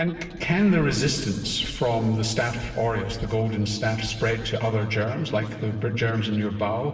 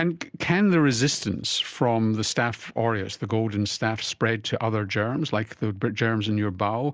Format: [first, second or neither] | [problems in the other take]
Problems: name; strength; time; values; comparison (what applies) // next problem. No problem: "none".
second | background sound (Thunder / Rain); 17 dB below the speech // room echo; dies away in 1.9 s